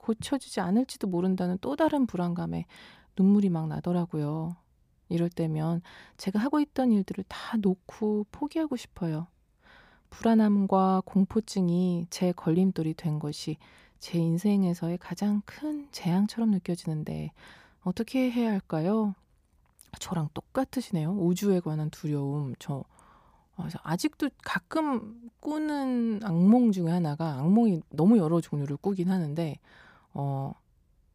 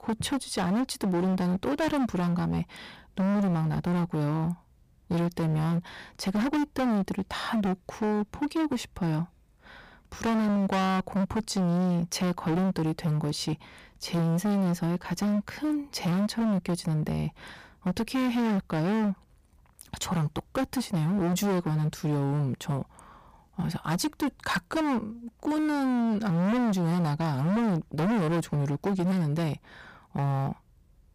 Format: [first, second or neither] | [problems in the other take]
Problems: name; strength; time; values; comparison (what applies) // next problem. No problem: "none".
first | distortion; heavy; 26% of the sound clipped